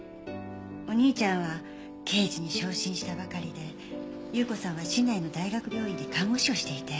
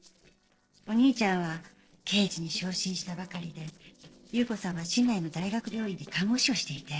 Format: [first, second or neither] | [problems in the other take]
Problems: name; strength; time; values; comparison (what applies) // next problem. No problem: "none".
first | noise reduction (neural separator model SepFormer DNS4)